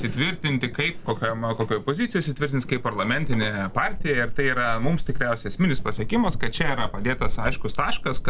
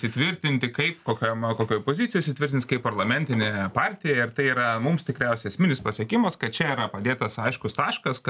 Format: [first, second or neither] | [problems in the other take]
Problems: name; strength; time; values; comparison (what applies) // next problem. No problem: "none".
second | background sound (Thunder / Wind / Bird vocalization, bird call, bird song); 1 dB below the speech